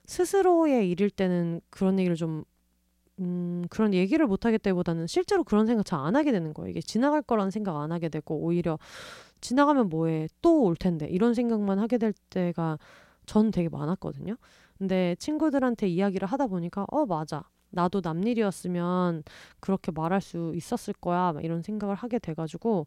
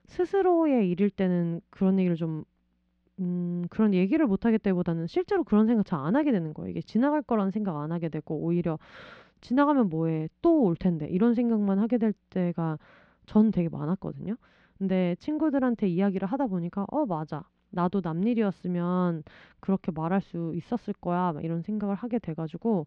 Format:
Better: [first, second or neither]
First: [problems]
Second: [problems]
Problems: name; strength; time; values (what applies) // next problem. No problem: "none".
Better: first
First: none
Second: muffled; slightly; fading above 3.5 kHz